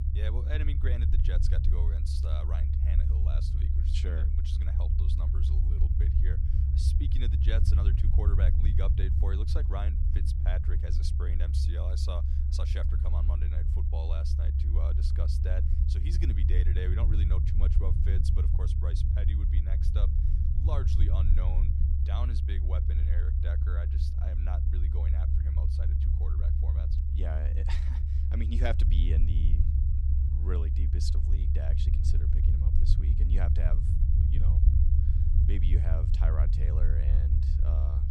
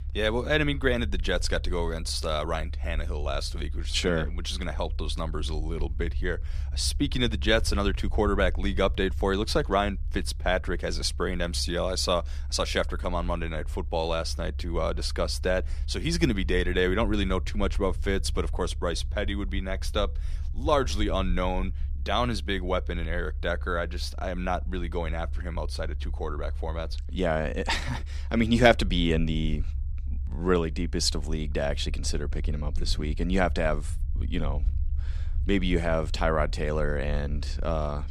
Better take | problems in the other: second | low rumble; loud; throughout; as loud as the speech; faint in the second

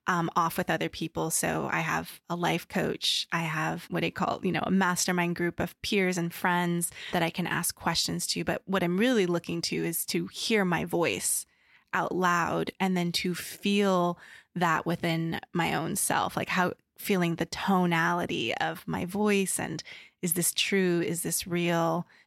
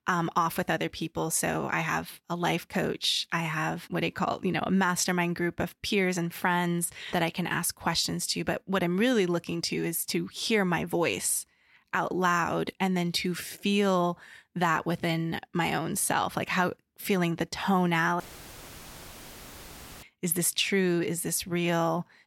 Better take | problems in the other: first | audio cutting out; filled with static; at 18 s for 2 s

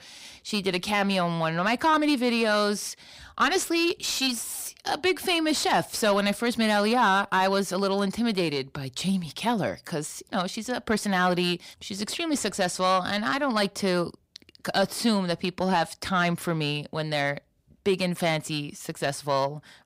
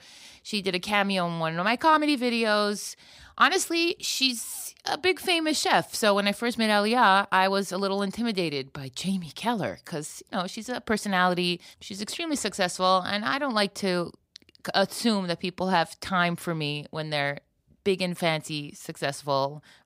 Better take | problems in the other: second | distortion; slight; 10 dB below the speech

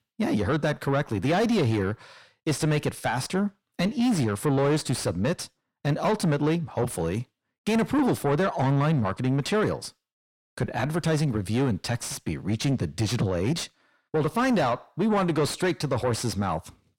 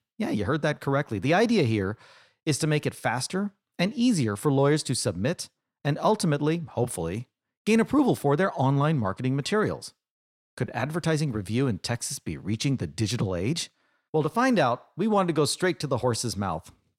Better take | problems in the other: second | distortion; slight; 10 dB below the speech

